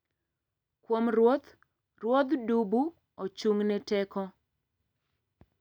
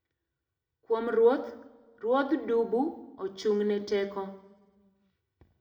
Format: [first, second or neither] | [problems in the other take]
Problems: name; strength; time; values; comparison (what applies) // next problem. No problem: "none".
first | room echo; dies away in 0.7 s